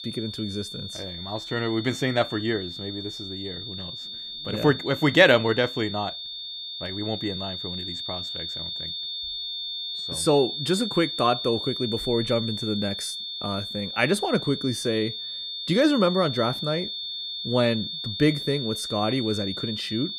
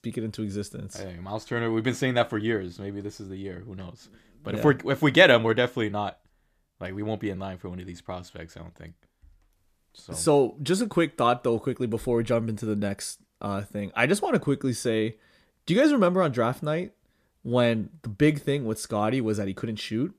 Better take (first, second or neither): second